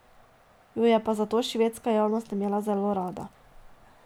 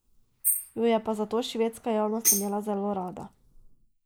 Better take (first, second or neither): first